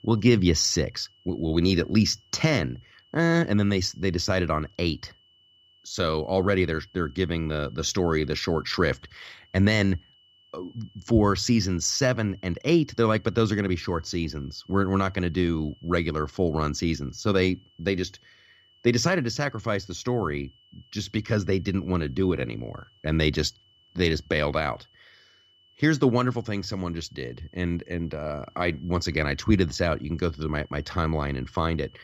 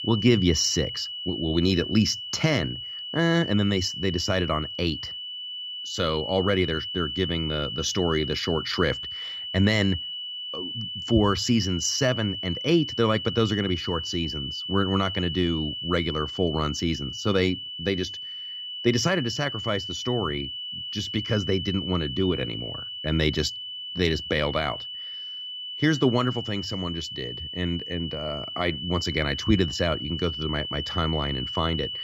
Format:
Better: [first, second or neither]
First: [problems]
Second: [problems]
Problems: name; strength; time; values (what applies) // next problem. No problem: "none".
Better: first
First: high-pitched whine; faint; throughout; 3 kHz, 30 dB below the speech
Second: high-pitched whine; loud; throughout; 3 kHz, 6 dB below the speech